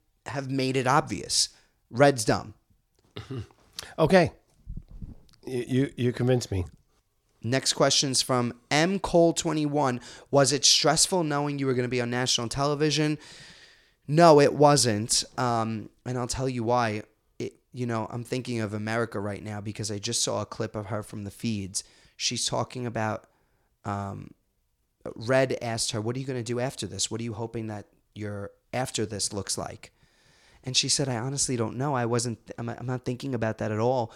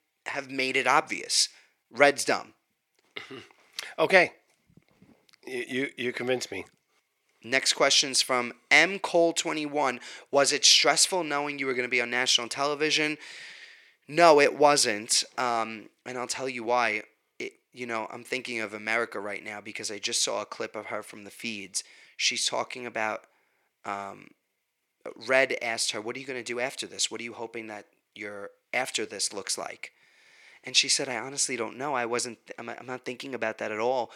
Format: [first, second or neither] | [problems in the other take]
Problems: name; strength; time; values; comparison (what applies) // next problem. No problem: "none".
first | thin; somewhat; fading below 350 Hz